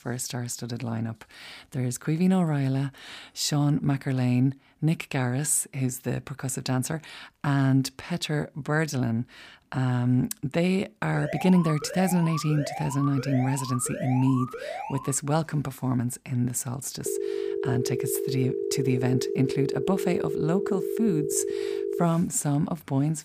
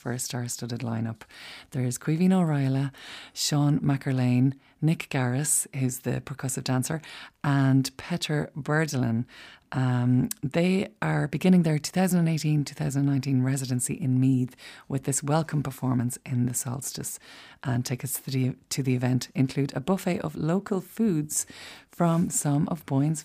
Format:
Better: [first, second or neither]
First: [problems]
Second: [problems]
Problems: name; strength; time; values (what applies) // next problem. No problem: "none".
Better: second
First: alarm; noticeable; from 11 to 15 s; peak 8 dB below the speech // phone ringing; noticeable; from 17 to 22 s; peak 3 dB below the speech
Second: none